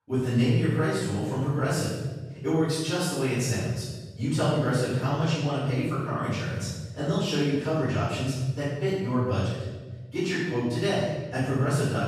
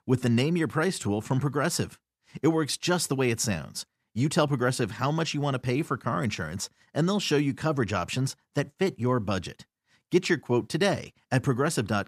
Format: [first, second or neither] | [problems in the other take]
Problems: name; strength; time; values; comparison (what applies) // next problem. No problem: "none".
second | off-mic speech; far // room echo; strong; dies away in 1.3 s